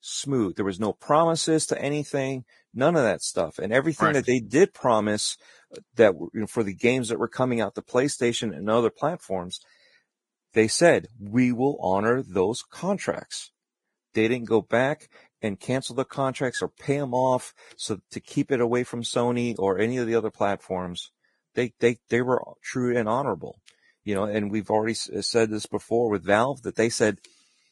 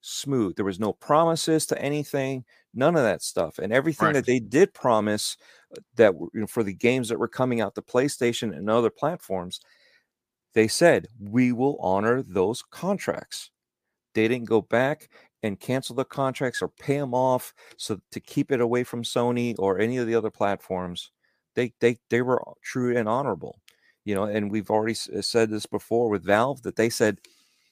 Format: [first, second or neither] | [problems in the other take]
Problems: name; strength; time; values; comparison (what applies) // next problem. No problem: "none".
second | garbled, watery; badly; nothing above 10 kHz